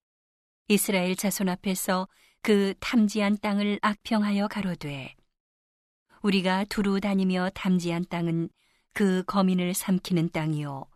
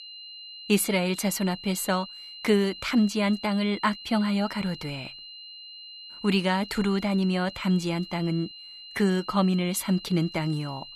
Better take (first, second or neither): first